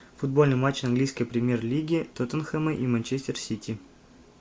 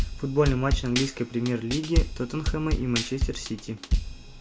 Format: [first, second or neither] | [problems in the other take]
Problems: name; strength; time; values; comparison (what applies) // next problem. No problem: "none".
first | background sound (Drum / Drum kit); as loud as the speech